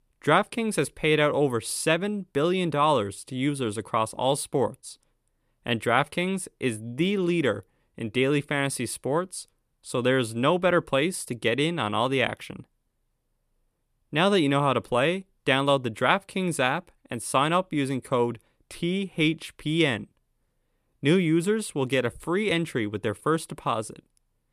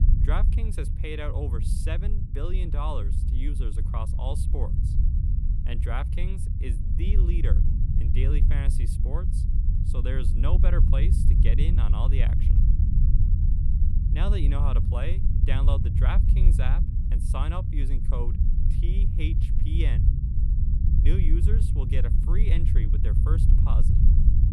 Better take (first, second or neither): first